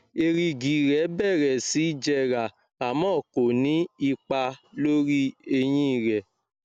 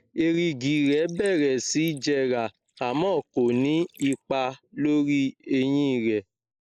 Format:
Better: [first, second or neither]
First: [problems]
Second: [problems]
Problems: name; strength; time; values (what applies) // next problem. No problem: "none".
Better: first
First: none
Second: noise reduction (neural mask model Resemble Enhance denoiser)